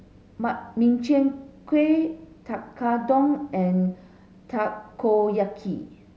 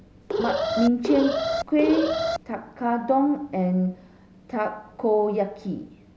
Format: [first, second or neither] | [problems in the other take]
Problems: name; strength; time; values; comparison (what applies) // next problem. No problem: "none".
first | background sound (Alarm); 1 dB below the speech